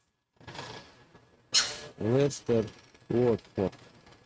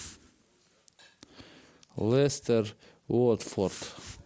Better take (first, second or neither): second